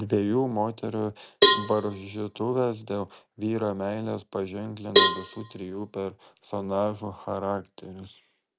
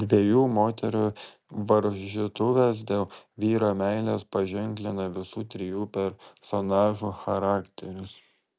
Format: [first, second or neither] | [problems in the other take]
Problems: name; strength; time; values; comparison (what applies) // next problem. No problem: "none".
second | background sound (Cowbell); 3 dB above the speech